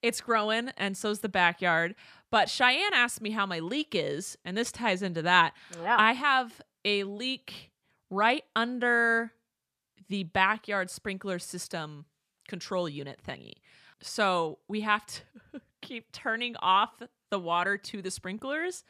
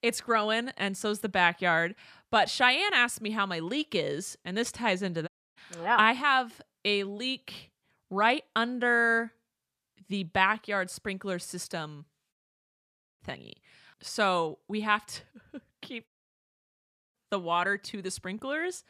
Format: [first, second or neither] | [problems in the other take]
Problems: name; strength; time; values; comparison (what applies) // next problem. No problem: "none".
first | audio cutting out; at 5.5 s, at 12 s for 1 s and at 16 s for 1 s